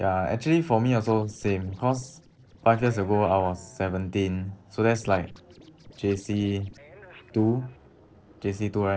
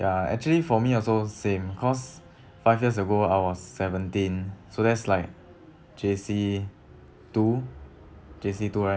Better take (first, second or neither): second